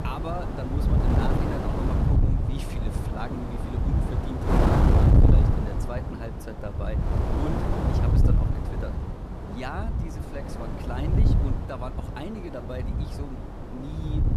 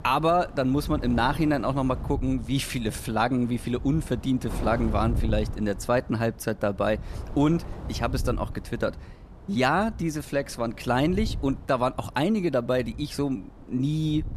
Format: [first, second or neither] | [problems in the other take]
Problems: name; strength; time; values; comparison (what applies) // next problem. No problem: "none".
second | wind noise on the microphone; heavy; 5 dB above the speech; occasional gusts in the second